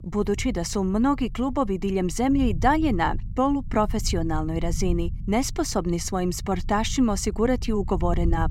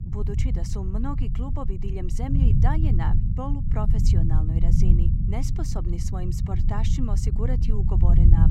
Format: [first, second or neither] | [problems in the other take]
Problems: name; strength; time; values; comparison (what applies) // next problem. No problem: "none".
first | low rumble; loud; throughout; 1 dB below the speech; faint in the first